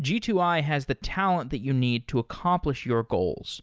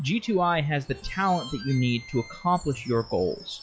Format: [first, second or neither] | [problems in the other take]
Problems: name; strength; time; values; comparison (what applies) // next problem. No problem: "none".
first | noise reduction (classical method log-MMSE)